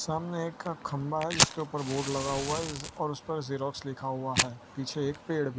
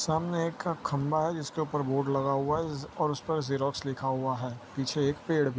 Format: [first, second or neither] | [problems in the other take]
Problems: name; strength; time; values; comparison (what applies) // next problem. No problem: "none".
second | background sound (Fire); 2 dB below the speech